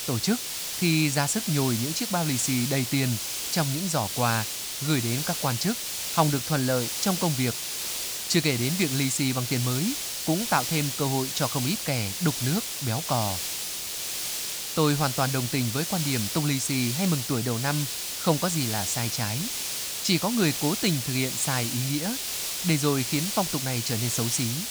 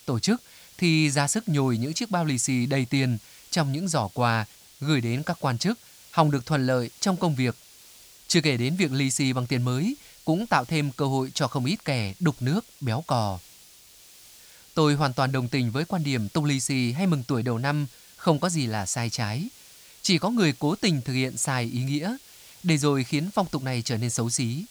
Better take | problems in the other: second | hiss; loud; throughout; 2 dB below the speech; faint in the second

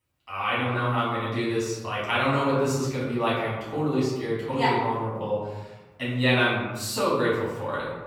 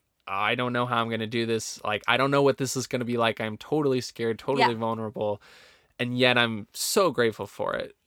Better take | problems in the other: second | off-mic speech; far // room echo; noticeable; dies away in 1.2 s

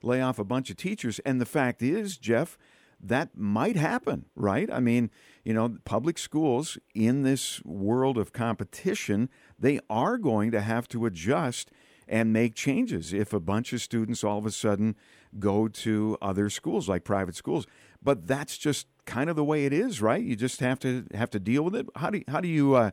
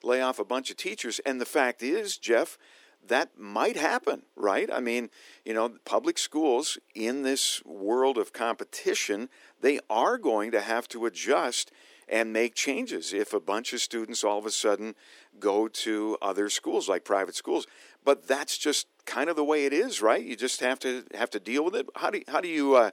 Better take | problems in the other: first | thin; somewhat; fading below 300 Hz

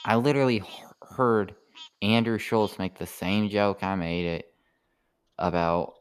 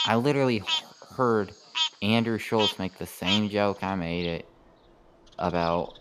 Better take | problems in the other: first | animal sounds; loud; throughout; 2 dB below the speech; faint in the first

